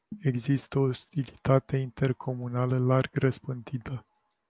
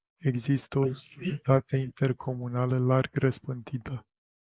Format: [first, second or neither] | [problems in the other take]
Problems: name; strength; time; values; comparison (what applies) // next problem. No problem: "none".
first | noise reduction (neural mask model Resemble Enhance denoiser)